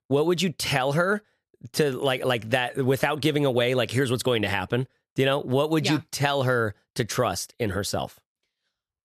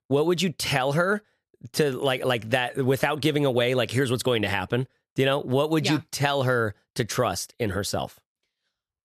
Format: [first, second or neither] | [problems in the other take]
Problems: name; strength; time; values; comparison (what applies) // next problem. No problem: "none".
neither | none